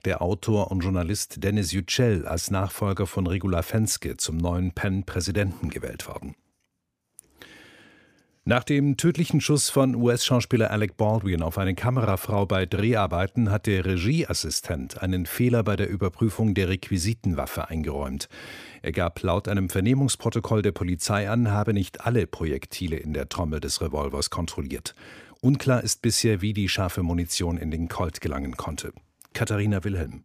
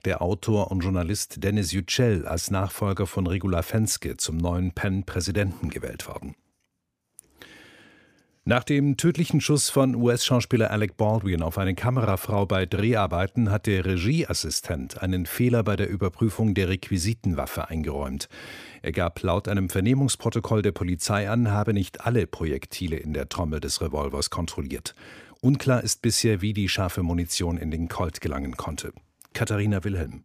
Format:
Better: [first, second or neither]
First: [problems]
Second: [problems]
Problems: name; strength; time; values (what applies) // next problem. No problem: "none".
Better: neither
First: none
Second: none